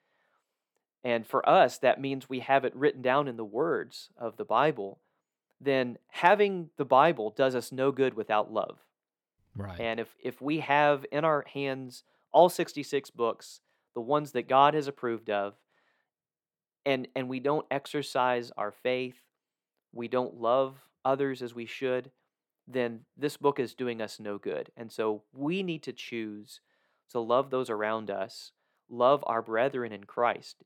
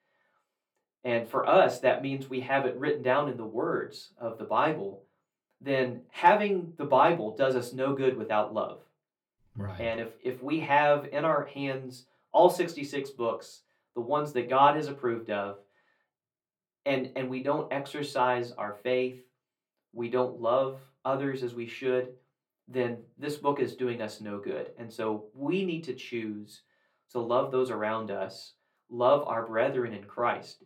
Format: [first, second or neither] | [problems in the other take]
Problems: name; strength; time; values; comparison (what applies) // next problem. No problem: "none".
first | off-mic speech; far // room echo; very slight; dies away in 0.2 s